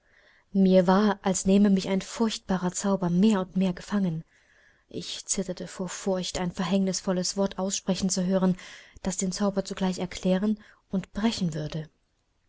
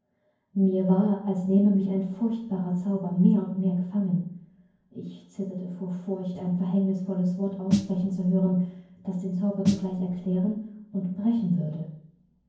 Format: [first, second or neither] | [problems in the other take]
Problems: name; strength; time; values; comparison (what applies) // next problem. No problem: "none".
first | background sound (Snare drum); 6 dB below the speech // room echo; dies away in 0.9 s